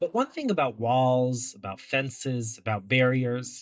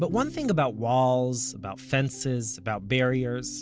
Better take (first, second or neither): second